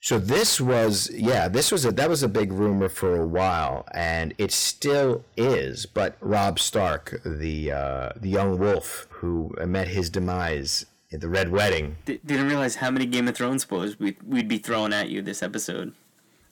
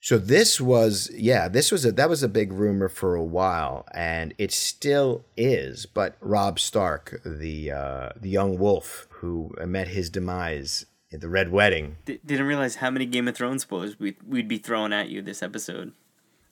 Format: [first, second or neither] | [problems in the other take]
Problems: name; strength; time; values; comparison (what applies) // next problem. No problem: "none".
second | distortion; heavy; 8 dB below the speech